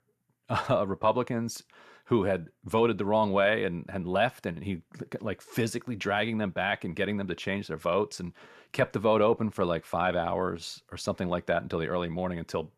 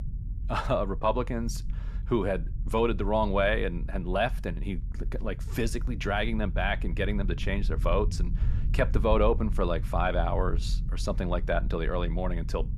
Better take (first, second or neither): first